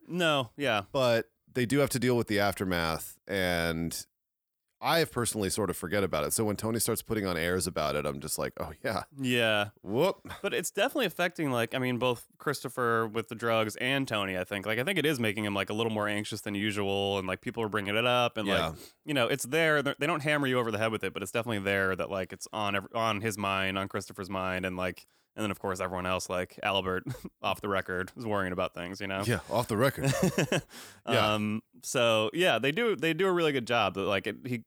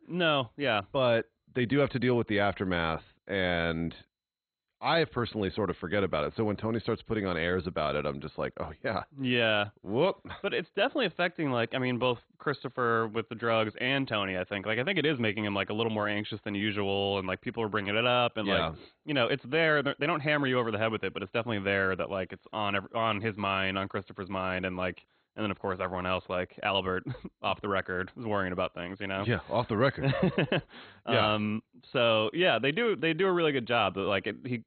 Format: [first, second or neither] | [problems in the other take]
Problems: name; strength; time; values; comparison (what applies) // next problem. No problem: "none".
first | garbled, watery; badly; nothing above 3.5 kHz